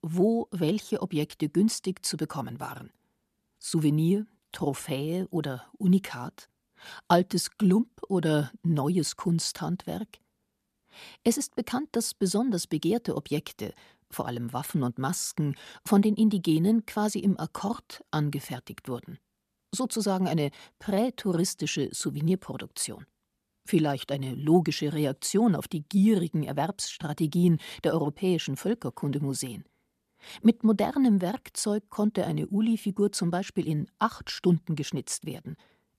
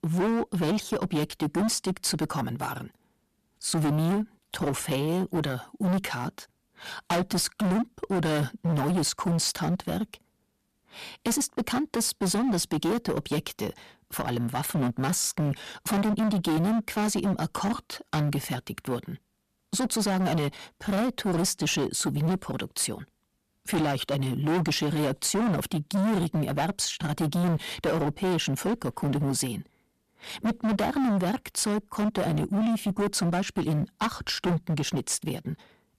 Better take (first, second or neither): first